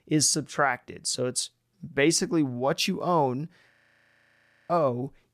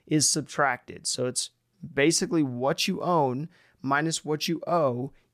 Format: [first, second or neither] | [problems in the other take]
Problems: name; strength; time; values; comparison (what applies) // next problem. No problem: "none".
second | audio freezing; at 3.5 s for 1 s